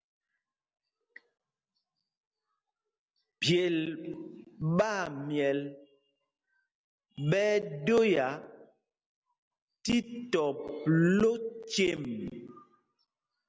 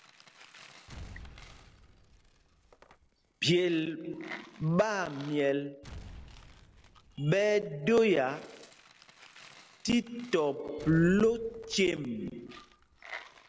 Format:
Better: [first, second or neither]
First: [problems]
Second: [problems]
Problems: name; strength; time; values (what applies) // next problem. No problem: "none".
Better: first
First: none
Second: background sound (Coin (dropping) + Explosion); 19 dB below the speech